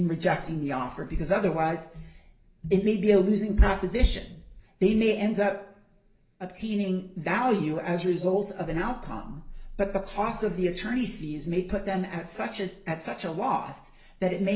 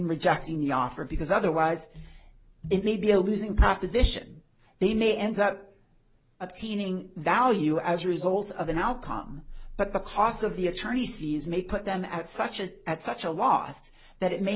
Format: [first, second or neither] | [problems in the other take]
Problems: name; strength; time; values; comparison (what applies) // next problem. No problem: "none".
second | room echo; dies away in 0.6 s